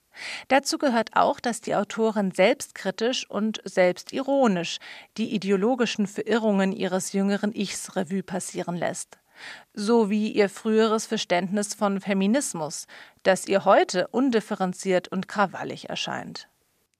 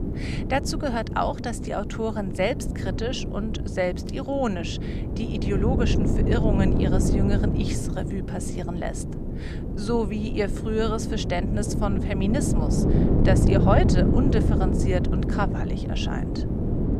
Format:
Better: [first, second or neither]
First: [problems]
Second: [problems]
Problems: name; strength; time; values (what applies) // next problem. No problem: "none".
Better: first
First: none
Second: wind noise on the microphone; heavy; 4 dB below the speech